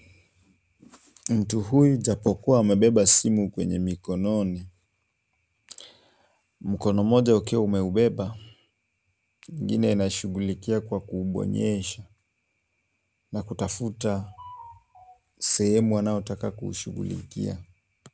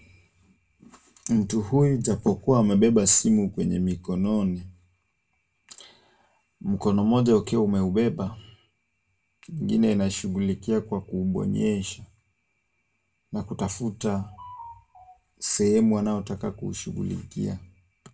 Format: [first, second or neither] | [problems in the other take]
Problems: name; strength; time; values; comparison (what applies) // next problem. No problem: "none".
first | room echo; dies away in 0.2 s